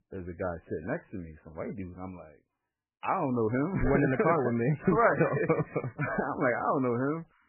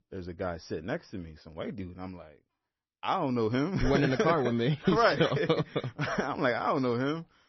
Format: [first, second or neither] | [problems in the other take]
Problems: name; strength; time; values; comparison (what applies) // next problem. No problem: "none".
second | garbled, watery; badly; nothing above 2.5 kHz; slightly in the second